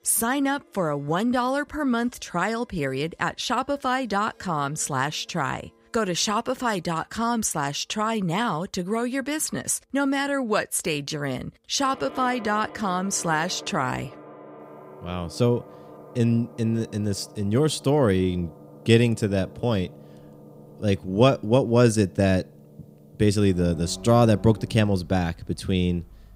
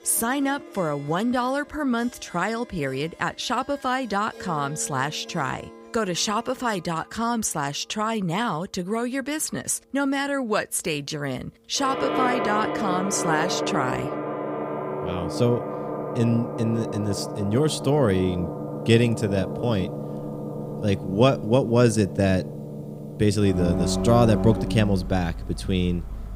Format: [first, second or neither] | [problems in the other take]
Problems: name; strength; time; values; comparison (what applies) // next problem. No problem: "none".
first | background music; loud; throughout; 6 dB below the speech; faint in the first